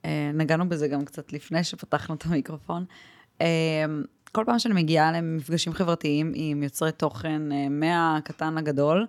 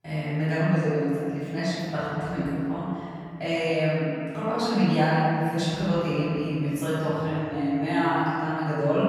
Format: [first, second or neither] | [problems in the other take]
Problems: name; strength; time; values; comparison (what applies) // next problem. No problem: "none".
first | off-mic speech; far // room echo; strong; dies away in 2.6 s